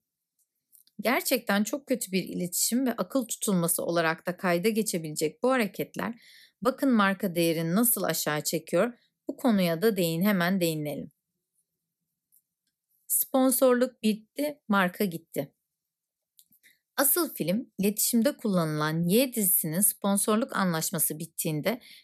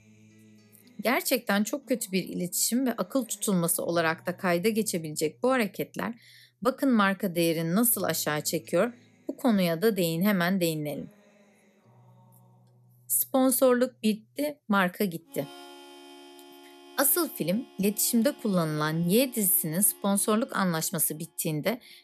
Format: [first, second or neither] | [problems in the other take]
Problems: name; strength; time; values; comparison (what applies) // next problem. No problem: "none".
first | background music; faint; throughout; 25 dB below the speech